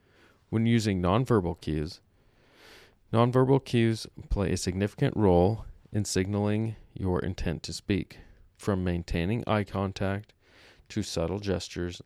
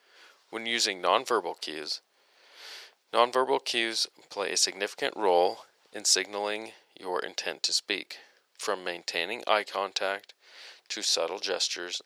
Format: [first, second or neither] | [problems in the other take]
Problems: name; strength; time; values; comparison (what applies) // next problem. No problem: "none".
first | thin; very; fading below 550 Hz